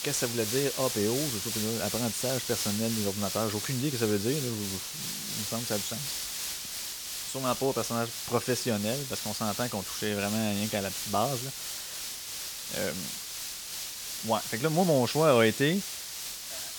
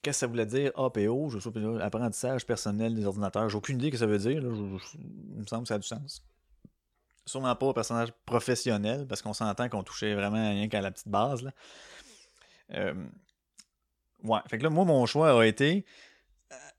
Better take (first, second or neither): second